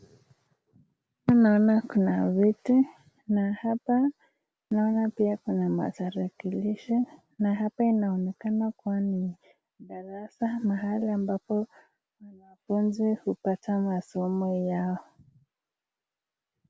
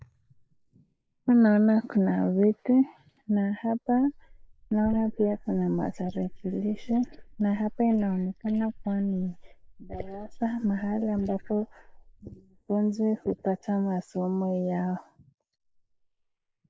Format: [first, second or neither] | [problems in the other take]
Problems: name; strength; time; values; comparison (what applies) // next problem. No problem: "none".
first | noise reduction (neural mask model Resemble Enhance denoiser)